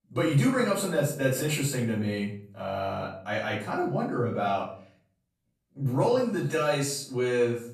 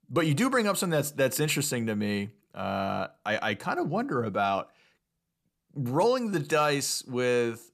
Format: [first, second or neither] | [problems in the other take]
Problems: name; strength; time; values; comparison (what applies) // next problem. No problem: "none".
second | off-mic speech; far // room echo; noticeable; dies away in 0.5 s